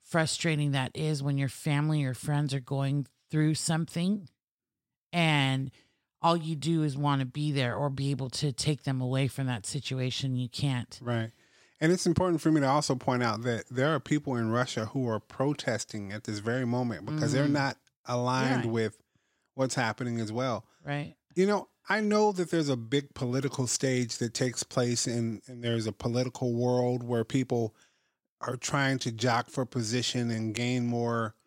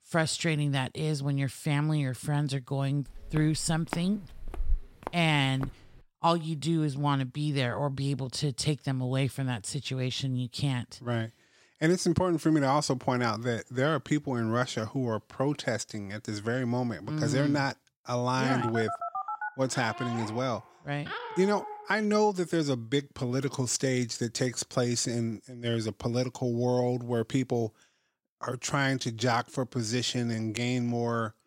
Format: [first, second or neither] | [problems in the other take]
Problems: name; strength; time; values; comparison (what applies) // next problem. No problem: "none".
first | footsteps; noticeable; from 3 to 5.5 s; peak 7 dB below the speech // phone ringing; noticeable; from 18 to 22 s; peak 5 dB below the speech